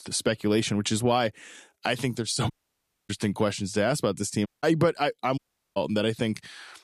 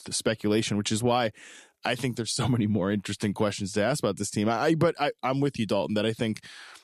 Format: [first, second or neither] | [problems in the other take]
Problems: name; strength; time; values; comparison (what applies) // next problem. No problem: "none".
second | audio cutting out; at 2.5 s for 0.5 s, at 4.5 s and at 5.5 s